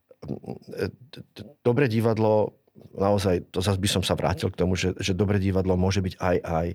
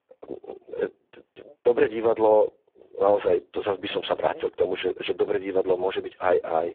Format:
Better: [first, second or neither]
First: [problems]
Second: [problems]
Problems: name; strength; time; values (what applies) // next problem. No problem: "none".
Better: first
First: none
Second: phone-call audio; poor line